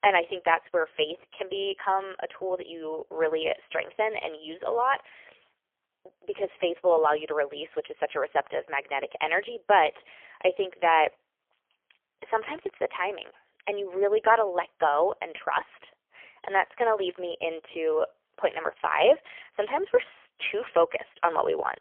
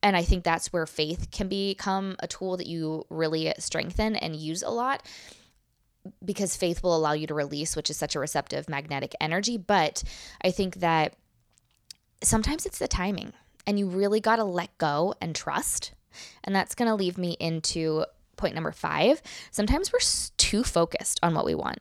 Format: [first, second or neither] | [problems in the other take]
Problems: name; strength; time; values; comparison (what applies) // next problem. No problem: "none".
second | phone-call audio; poor line; nothing above 3.5 kHz